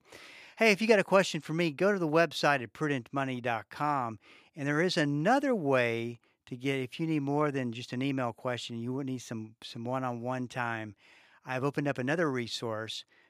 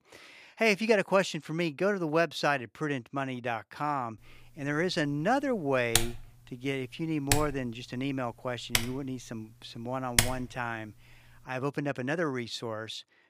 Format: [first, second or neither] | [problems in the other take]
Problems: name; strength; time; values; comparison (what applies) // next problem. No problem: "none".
first | keyboard typing; loud; from 6 to 10 s; peak 5 dB above the speech